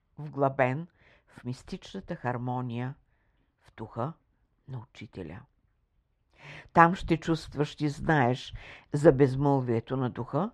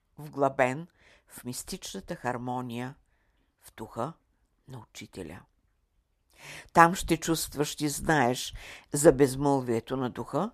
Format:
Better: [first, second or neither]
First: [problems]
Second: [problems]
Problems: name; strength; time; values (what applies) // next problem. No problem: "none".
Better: second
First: muffled; slightly; fading above 3 kHz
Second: none